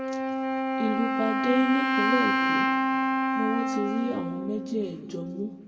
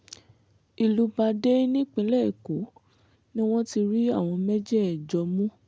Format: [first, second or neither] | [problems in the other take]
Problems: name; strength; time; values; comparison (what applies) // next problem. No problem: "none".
second | background sound (Wind instrument, woodwind instrument); 4 dB above the speech // room echo; dies away in 1.1 s